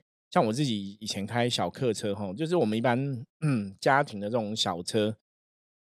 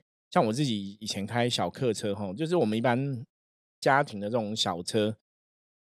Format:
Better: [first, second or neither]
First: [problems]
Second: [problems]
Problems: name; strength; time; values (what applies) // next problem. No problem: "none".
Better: first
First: none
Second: audio freezing; at 3.5 s